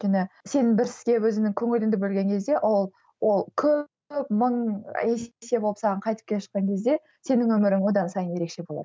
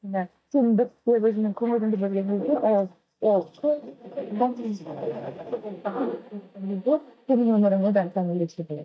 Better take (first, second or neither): first